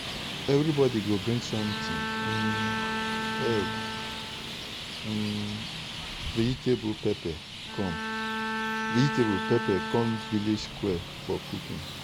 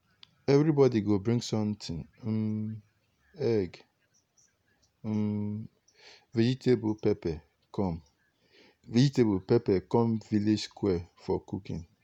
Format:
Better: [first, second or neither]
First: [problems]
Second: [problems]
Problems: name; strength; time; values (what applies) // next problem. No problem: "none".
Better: second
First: background sound (Traffic noise, roadway noise + Bowed string instrument); 3 dB below the speech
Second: none